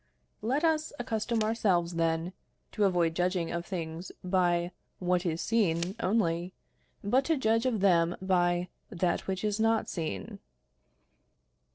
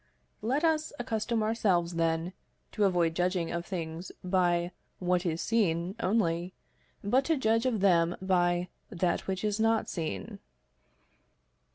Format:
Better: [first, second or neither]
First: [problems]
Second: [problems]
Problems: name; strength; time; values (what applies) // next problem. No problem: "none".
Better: second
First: noise reduction (neural separator model SepFormer DNS4)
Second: none